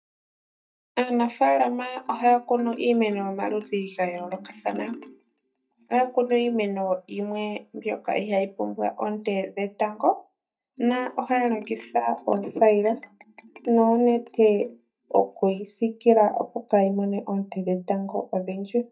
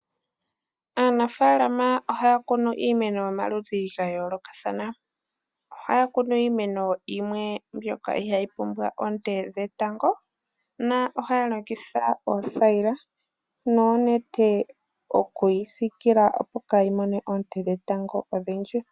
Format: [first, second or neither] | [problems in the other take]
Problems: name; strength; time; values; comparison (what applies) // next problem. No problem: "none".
second | noise reduction (neural mask model DeepFilterNet 3)